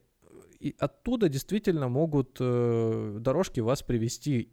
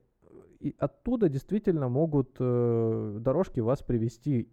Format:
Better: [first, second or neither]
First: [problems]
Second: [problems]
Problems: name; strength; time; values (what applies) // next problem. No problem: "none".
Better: first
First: none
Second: muffled; very; fading above 2 kHz